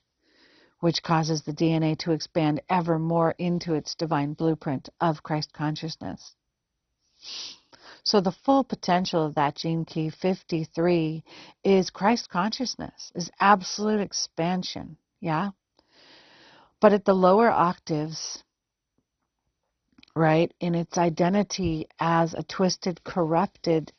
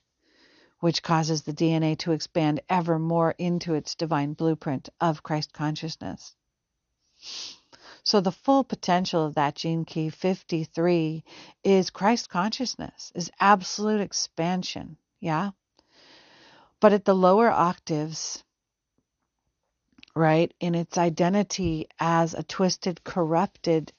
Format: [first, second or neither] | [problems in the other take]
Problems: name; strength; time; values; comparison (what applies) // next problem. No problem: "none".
second | garbled, watery; badly; nothing above 6 kHz; slightly in the second